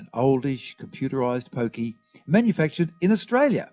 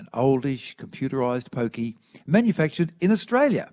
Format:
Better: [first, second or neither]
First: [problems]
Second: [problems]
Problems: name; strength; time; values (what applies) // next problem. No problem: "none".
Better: second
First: noise reduction (classical method log-MMSE)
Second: none